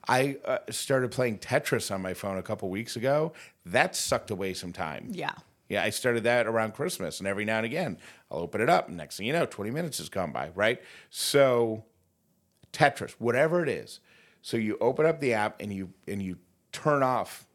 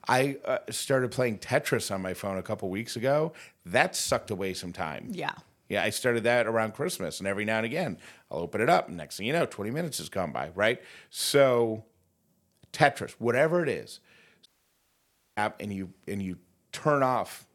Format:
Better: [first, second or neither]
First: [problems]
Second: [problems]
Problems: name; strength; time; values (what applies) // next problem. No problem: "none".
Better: first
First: none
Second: audio cutting out; at 14 s for 1 s